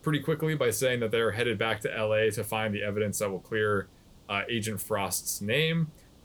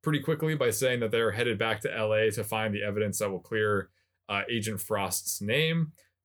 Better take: second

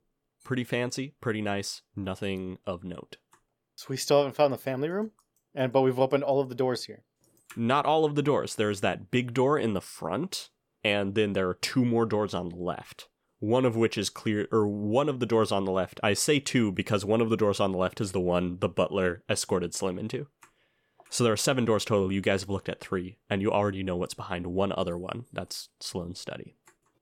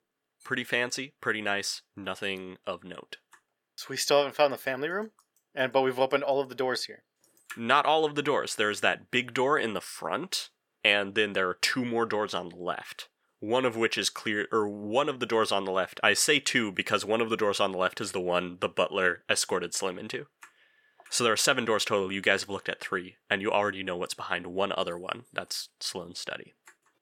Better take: first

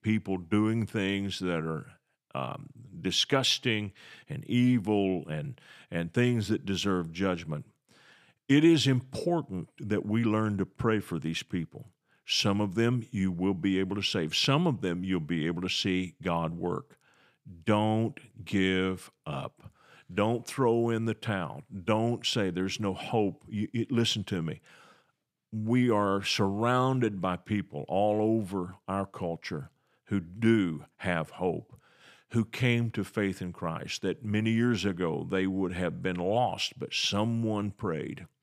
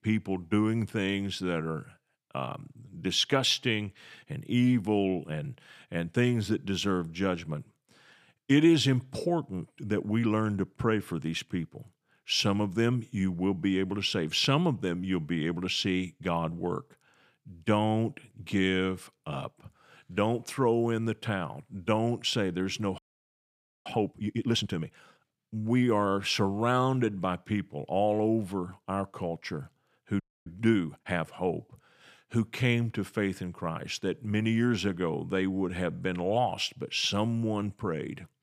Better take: first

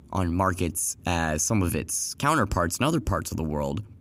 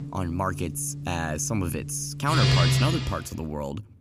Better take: first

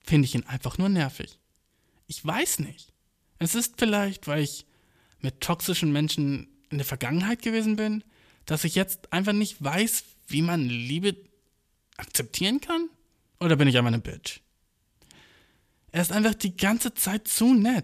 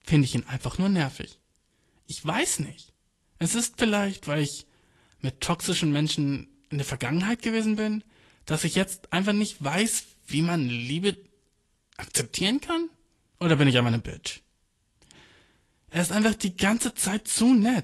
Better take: first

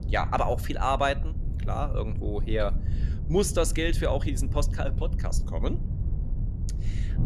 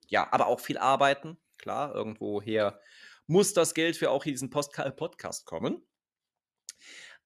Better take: second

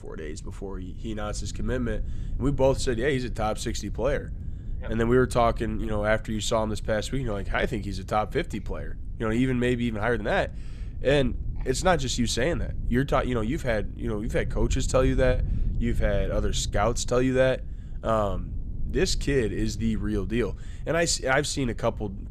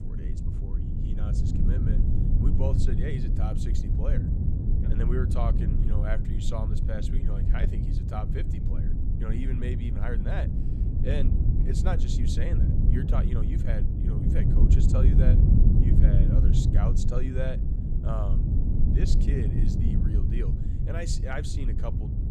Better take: first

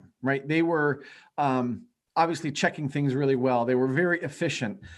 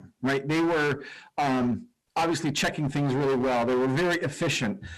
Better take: first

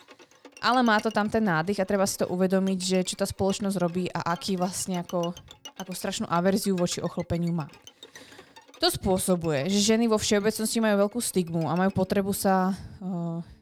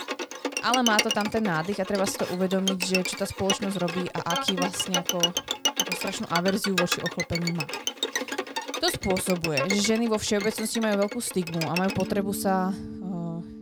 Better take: first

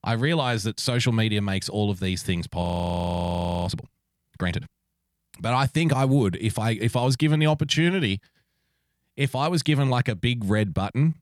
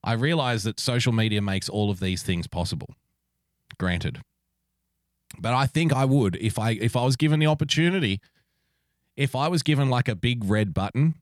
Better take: second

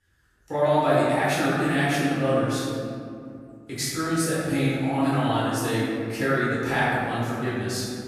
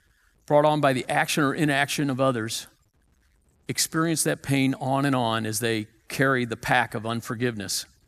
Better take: second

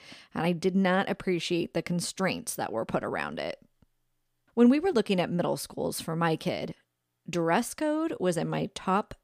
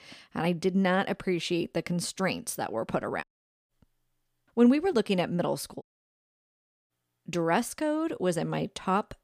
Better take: first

